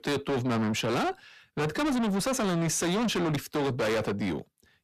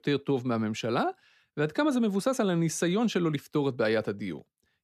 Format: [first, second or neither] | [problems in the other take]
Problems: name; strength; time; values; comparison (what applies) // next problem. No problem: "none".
second | distortion; heavy; 6 dB below the speech